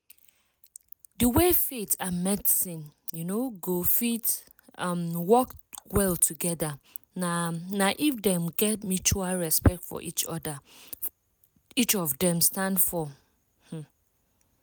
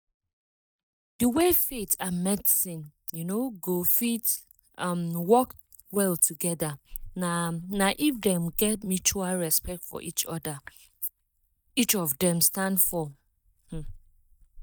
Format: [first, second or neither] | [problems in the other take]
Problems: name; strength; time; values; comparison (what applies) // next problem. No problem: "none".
first | noise reduction (neural mask model DeepFilterNet 3)